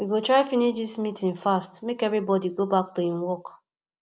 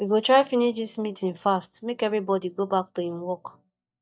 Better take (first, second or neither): first